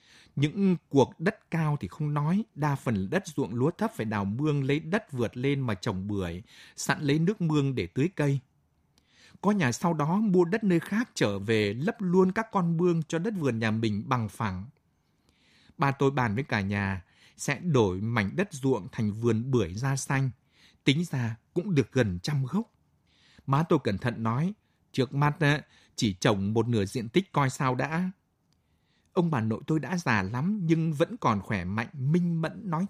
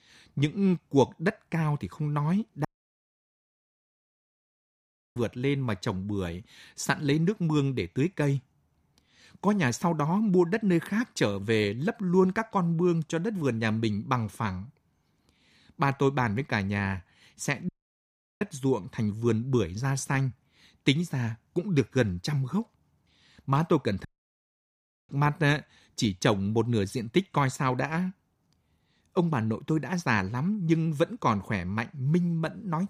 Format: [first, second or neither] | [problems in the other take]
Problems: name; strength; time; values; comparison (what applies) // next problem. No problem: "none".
first | audio cutting out; at 2.5 s for 2.5 s, at 18 s for 0.5 s and at 24 s for 1 s